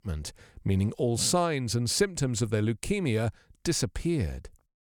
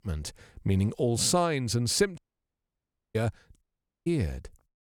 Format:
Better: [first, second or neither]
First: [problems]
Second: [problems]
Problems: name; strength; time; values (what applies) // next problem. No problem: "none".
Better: first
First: none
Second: audio cutting out; at 2 s for 1 s and at 3.5 s